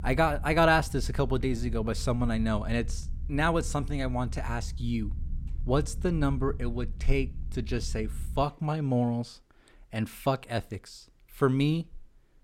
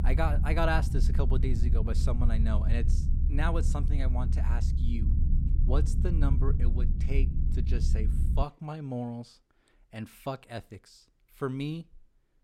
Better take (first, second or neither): first